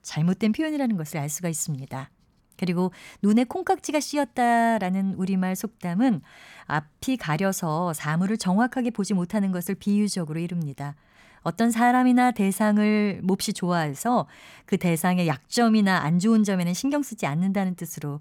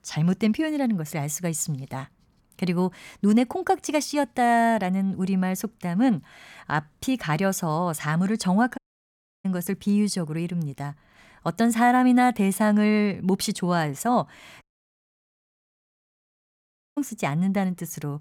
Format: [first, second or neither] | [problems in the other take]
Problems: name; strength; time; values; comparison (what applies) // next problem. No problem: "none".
first | audio cutting out; at 9 s for 0.5 s and at 15 s for 2.5 s